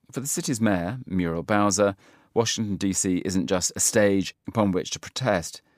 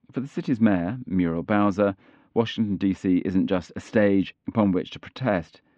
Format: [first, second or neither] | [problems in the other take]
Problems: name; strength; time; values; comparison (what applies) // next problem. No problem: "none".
first | muffled; very; fading above 3 kHz